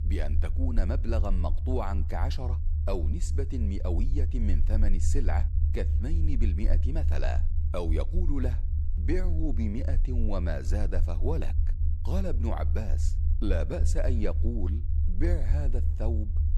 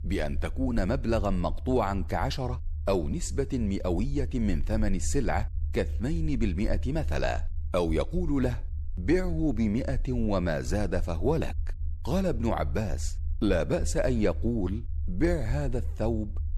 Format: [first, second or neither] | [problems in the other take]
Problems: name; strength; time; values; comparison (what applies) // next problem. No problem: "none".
second | low rumble; loud; throughout; 10 dB below the speech; faint in the second